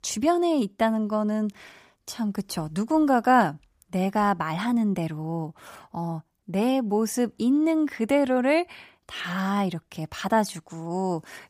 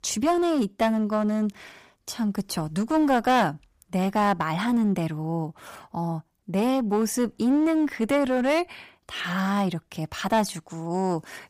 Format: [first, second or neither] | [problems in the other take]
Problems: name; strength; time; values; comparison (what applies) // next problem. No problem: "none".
first | distortion; slight; 8% of the sound clipped